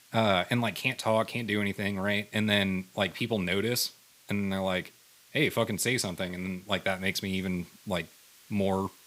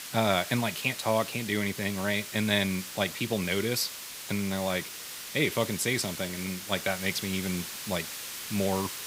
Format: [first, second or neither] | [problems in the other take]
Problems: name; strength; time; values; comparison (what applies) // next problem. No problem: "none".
first | hiss; loud; throughout; 8 dB below the speech; faint in the first